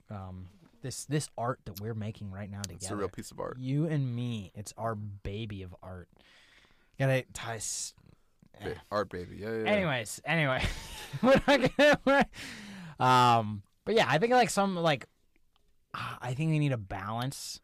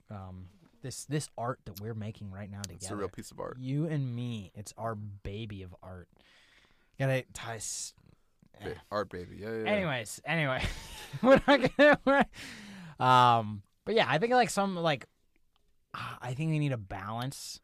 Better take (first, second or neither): second